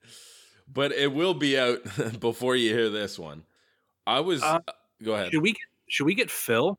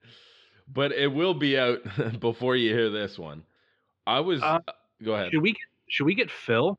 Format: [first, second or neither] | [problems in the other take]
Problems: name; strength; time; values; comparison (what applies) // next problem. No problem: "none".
first | muffled; very slightly; fading above 4 kHz